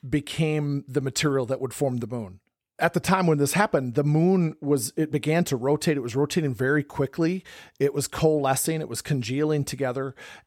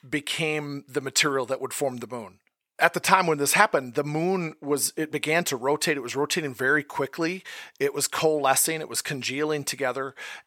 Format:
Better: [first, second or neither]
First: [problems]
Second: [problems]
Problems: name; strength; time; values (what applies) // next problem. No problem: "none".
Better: first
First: none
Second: thin; somewhat; fading below 850 Hz